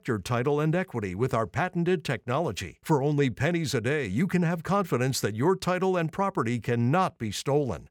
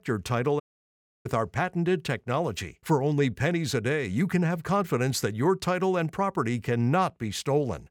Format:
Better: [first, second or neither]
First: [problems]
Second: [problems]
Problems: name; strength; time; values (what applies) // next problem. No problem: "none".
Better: first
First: none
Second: audio cutting out; at 0.5 s for 0.5 s